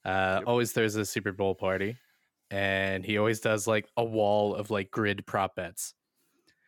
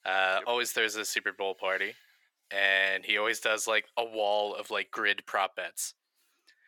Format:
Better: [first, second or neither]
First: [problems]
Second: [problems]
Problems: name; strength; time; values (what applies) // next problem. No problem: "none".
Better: first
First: none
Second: thin; very; fading below 600 Hz